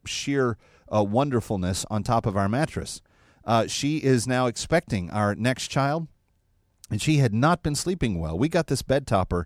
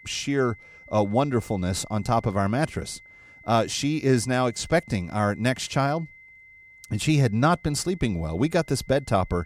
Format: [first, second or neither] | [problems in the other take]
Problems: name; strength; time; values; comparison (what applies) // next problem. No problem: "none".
first | high-pitched whine; faint; throughout; 2 kHz, 25 dB below the speech